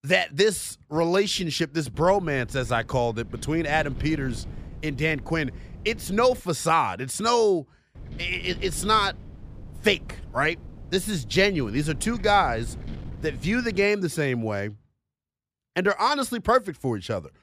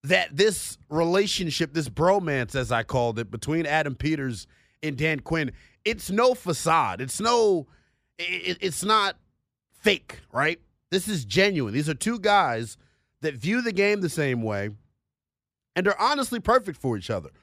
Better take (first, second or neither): second